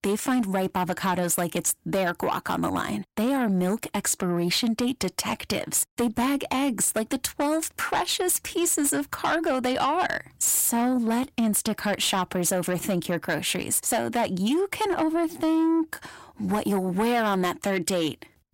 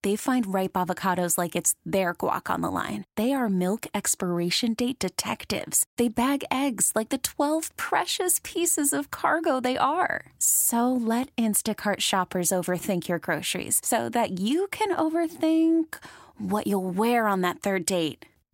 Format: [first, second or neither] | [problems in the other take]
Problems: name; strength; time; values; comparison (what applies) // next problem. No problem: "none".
second | distortion; slight; 10 dB below the speech